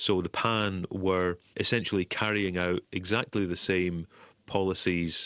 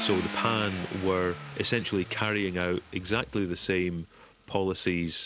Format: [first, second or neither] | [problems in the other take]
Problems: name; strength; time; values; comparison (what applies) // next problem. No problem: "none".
first | background sound (Car); 12 dB below the speech